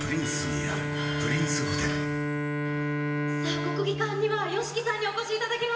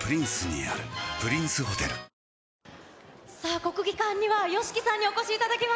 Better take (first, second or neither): second